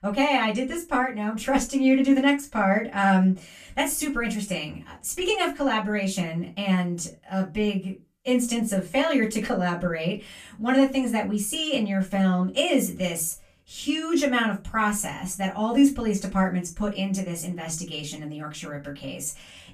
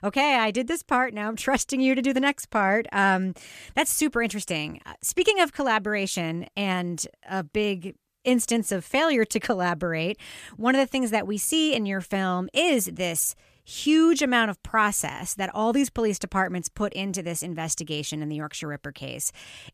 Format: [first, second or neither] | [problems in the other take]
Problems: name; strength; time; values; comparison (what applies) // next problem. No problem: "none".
second | off-mic speech; far // room echo; very slight; dies away in 0.2 s